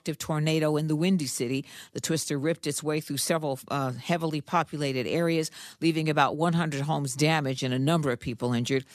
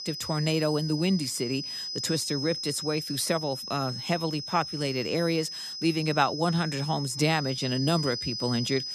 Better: first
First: none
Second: high-pitched whine; loud; throughout; 5 kHz, 5 dB below the speech

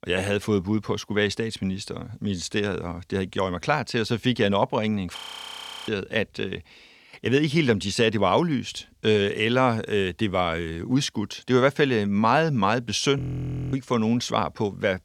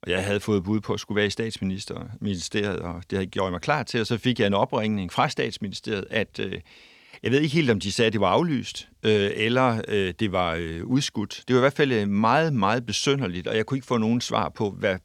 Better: second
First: audio freezing; at 5 s for 0.5 s and at 13 s for 0.5 s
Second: none

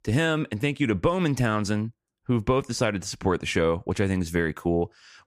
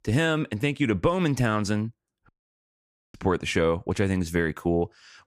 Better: first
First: none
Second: audio cutting out; at 2.5 s for 1 s

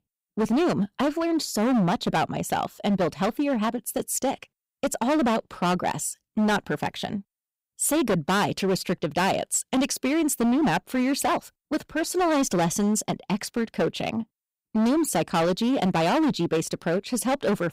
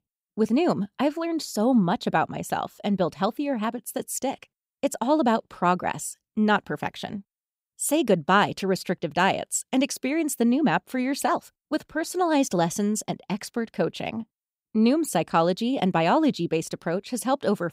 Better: second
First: distortion; heavy; 15% of the sound clipped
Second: none

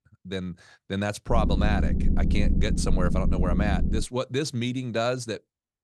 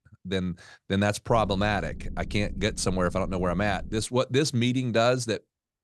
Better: second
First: low rumble; loud; from 1.5 to 4 s; 6 dB below the speech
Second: low rumble; faint; from 1.5 to 4 s; 25 dB below the speech

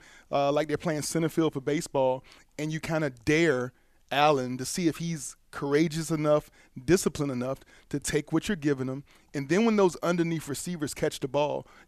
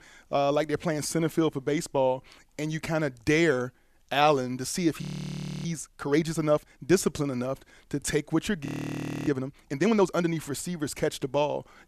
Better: first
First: none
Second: audio freezing; at 5 s for 0.5 s and at 8.5 s for 0.5 s

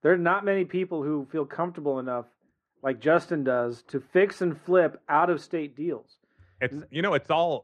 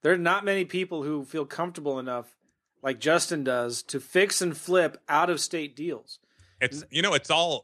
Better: second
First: muffled; very; fading above 3.5 kHz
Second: none

